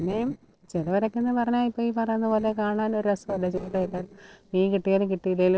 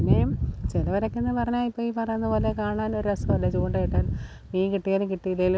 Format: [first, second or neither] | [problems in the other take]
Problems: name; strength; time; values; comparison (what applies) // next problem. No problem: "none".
second | noise reduction (neural separator model SepFormer DNS4)